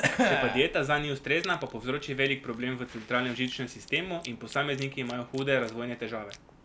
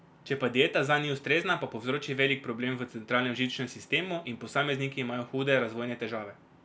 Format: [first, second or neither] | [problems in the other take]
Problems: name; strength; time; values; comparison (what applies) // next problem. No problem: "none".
second | background sound (Chewing, mastication / Cough); 6 dB below the speech